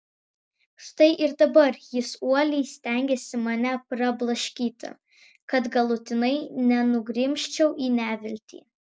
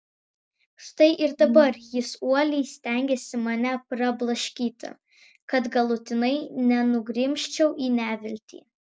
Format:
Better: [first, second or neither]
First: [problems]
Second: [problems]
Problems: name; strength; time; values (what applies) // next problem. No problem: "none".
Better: first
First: none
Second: background sound (Brass instrument); 5 dB below the speech